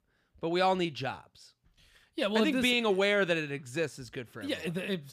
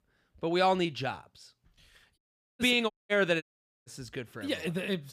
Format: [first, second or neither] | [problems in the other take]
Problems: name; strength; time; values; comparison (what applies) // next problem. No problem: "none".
first | audio cutting out; at 2 s, at 3 s and at 3.5 s